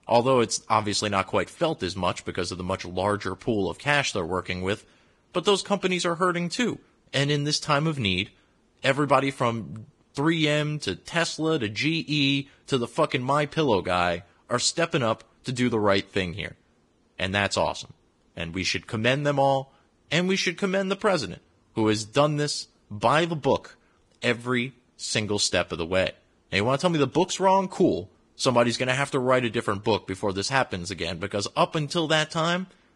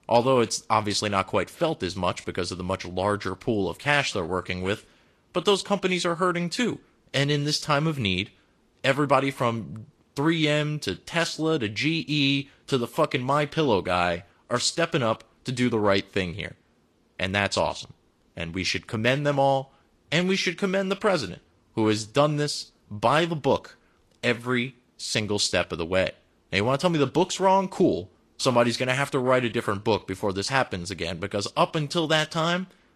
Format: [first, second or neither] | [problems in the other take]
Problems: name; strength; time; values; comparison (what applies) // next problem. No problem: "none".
second | garbled, watery; badly; slightly in the second